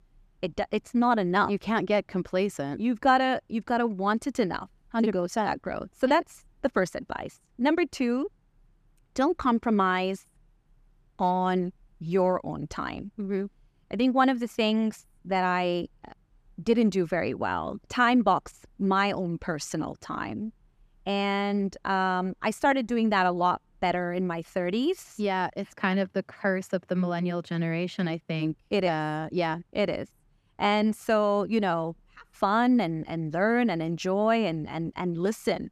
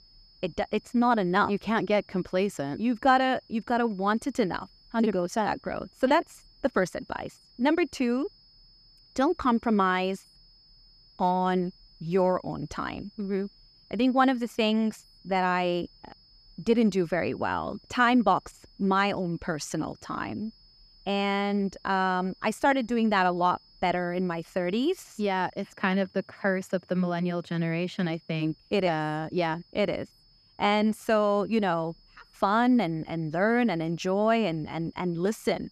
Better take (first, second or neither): first